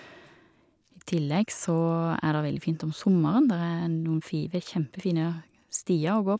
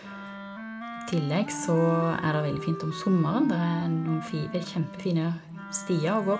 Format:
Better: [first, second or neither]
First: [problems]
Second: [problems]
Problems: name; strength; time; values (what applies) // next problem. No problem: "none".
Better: first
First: none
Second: background sound (Wind instrument, woodwind instrument); 11 dB below the speech // room echo; dies away in 1.3 s